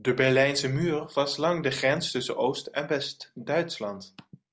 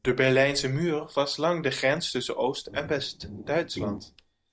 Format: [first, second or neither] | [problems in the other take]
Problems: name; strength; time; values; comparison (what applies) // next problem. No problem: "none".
first | noise reduction (neural mask model DeepFilterNet 3)